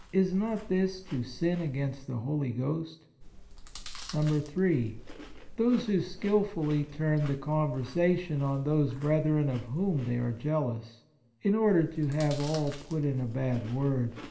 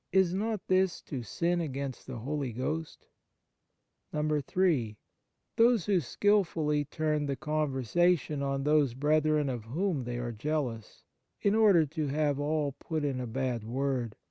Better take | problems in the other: second | background sound (Chewing, mastication); 16 dB below the speech // room echo; dies away in 0.9 s

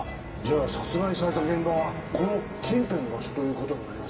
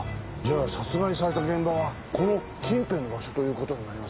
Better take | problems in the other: second | background sound (Wind instrument, woodwind instrument); 16 dB below the speech // room echo; dies away in 2.5 s

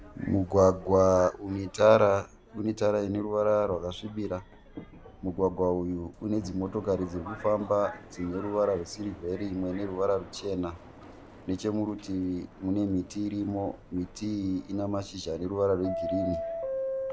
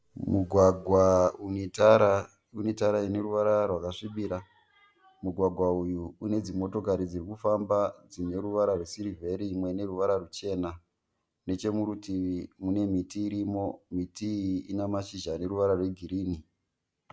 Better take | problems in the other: second | background sound (Subway, metro, underground); 13 dB below the speech

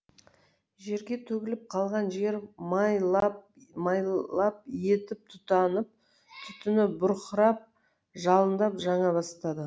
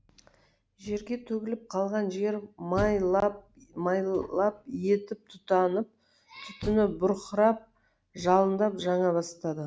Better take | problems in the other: first | background sound (Door); 19 dB below the speech

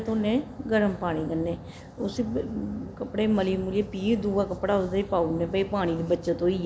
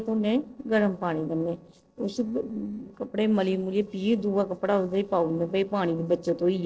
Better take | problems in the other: first | noise reduction (neural separator model SepFormer DNS4)

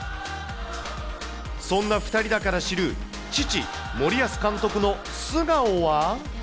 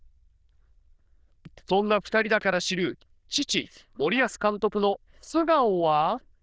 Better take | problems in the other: first | noise reduction (neural diffusion model UNIVERSE++)

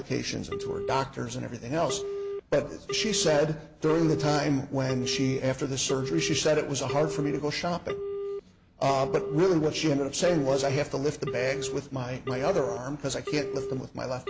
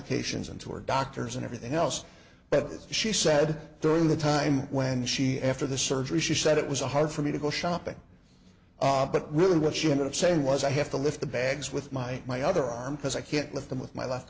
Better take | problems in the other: second | background sound (Telephone); 8 dB below the speech

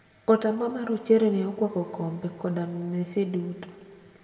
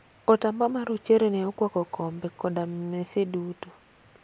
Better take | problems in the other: second | room echo; dies away in 1.4 s

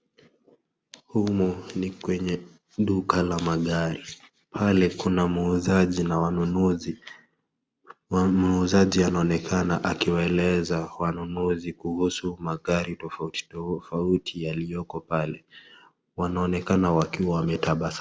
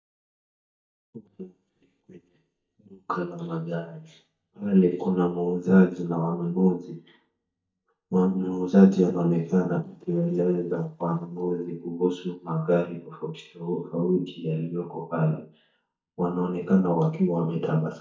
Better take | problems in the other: first | noise reduction (neural mask model DeepFilterNet 3)

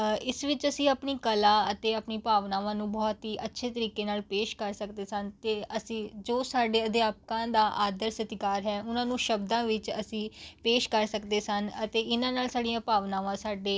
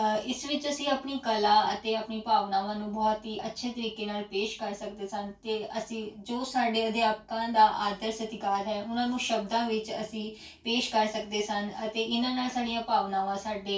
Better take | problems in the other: first | room echo; dies away in 0.2 s

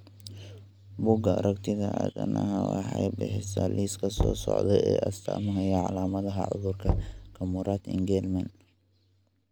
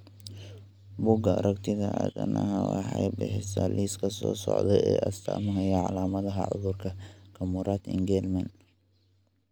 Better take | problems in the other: second | background sound (Knock); 7 dB below the speech

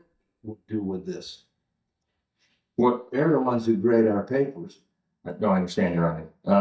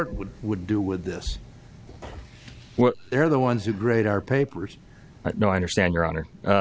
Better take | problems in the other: second | noise reduction (neural mask model DeepFilterNet 3)

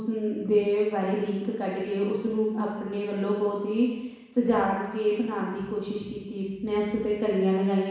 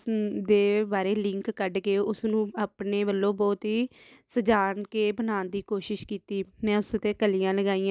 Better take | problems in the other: second | room echo; dies away in 1.1 s

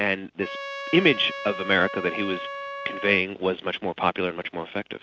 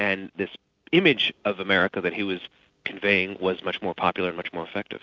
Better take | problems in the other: second | background sound (Trumpet); 9 dB below the speech

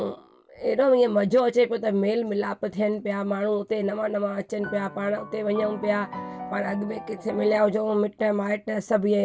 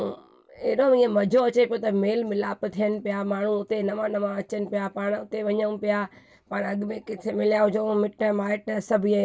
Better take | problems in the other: second | background sound (Piano); 13 dB below the speech

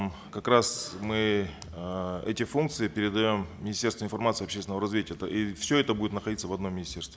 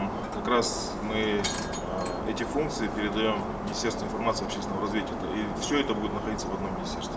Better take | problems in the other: first | background sound (Shatter); 2 dB below the speech // room echo; dies away in 2 s

